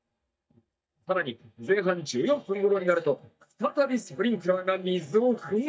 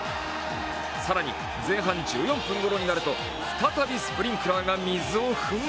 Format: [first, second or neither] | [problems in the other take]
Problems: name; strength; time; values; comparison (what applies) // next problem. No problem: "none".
second | noise reduction (neural mask model DeepFilterNet 3)